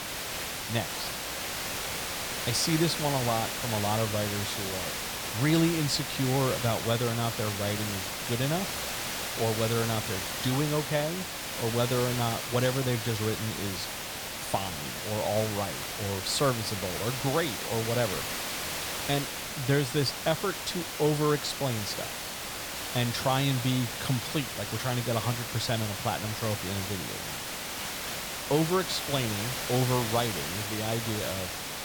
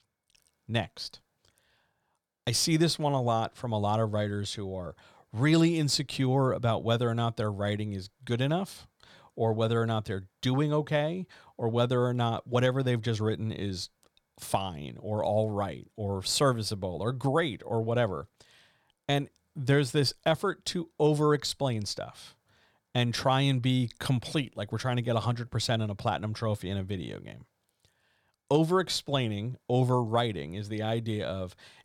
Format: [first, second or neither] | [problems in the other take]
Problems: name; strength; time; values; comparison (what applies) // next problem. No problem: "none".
second | hiss; loud; throughout; 2 dB below the speech